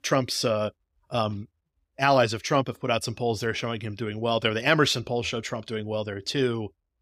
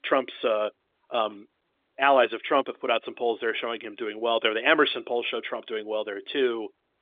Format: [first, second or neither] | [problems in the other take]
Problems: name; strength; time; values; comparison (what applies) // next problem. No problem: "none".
first | phone-call audio; nothing above 3.5 kHz